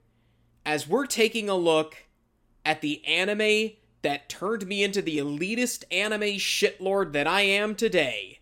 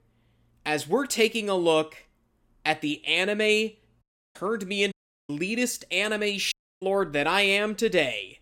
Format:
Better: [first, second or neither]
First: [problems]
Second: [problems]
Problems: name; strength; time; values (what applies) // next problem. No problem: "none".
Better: first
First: none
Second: audio cutting out; at 4 s, at 5 s and at 6.5 s